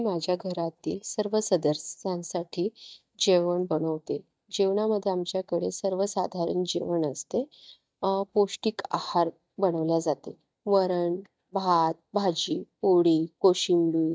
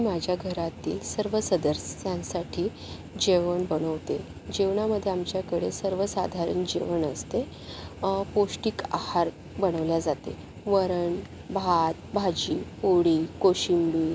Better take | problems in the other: second | noise reduction (neural mask model DeepFilterNet 3)

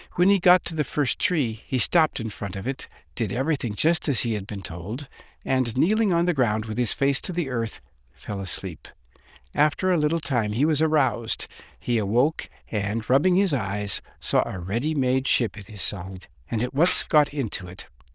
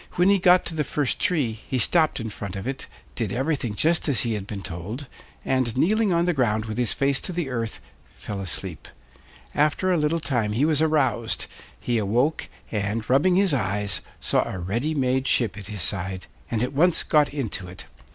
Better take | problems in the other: second | noise reduction (neural diffusion model UNIVERSE++)

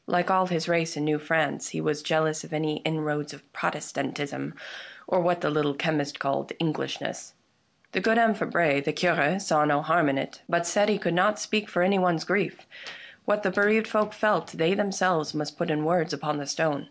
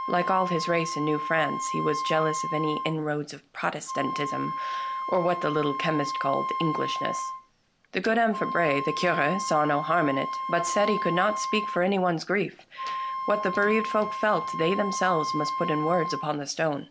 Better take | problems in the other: first | background sound (Wind instrument, woodwind instrument); 5 dB below the speech

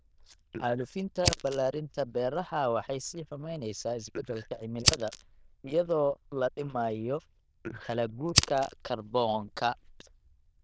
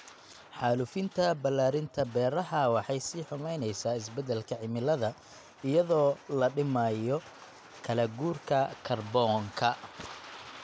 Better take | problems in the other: second | noise reduction (neural diffusion model UNIVERSE++)

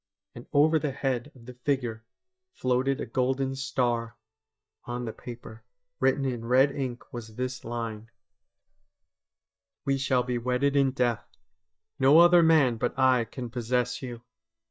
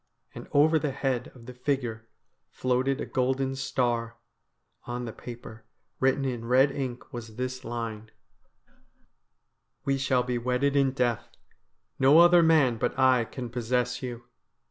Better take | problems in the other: second | noise reduction (neural mask model DeepFilterNet 3)

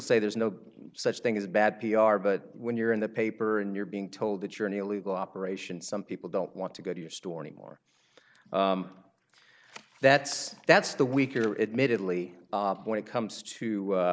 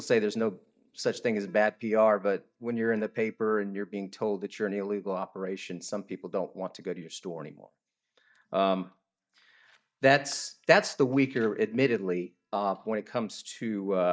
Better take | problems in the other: first | noise reduction (neural mask model DeepFilterNet 3)

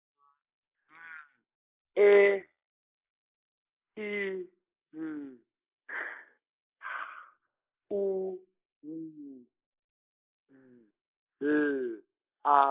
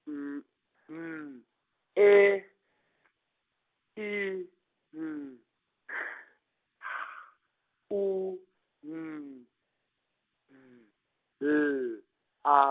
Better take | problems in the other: second | noise reduction (neural mask model Resemble Enhance denoiser)

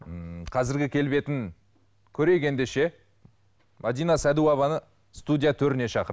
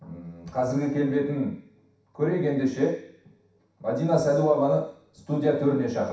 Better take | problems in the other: first | room echo; dies away in 0.7 s

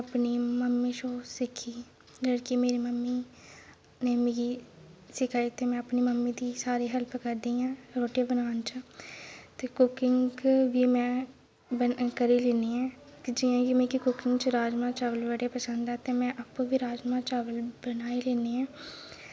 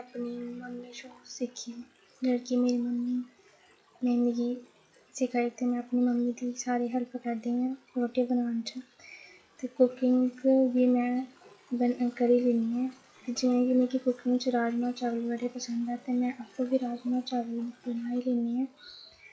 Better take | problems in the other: first | noise reduction (classical method log-MMSE)

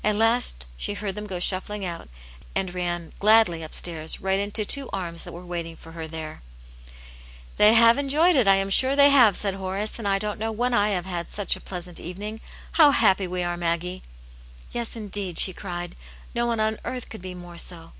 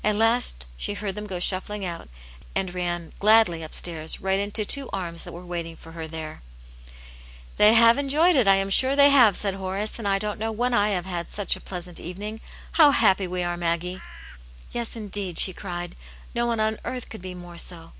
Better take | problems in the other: first | background sound (Bird); 16 dB below the speech

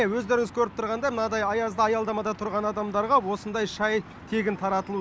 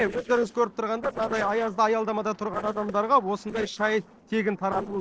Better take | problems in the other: first | noise reduction (neural separator model SepFormer DNS4)

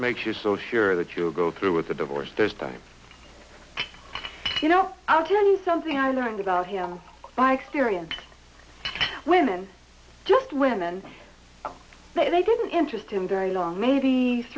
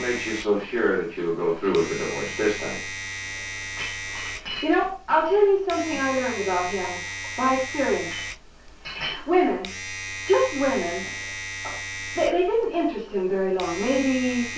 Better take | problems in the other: first | background sound (Domestic sounds, home sounds); 10 dB below the speech // room echo; dies away in 0.3 s

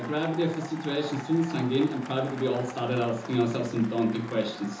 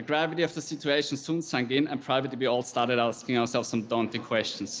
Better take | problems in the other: second | background sound (Applause / Cheering); 14 dB below the speech // room echo; dies away in 0.6 s

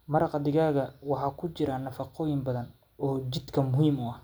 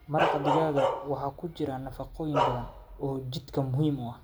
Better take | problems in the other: first | background sound (Bark); 1 dB below the speech

